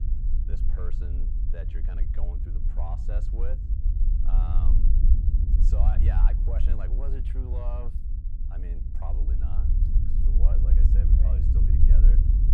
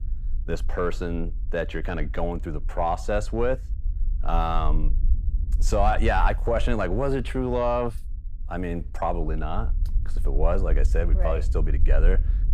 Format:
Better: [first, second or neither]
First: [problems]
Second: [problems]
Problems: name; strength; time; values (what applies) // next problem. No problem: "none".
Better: second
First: low rumble; loud; throughout; as loud as the speech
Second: low rumble; faint; throughout; 25 dB below the speech